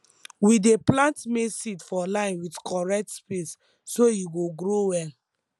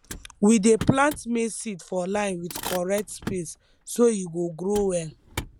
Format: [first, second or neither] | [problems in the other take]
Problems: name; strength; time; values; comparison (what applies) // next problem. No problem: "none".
first | background sound (Motor vehicle (road)); 15 dB below the speech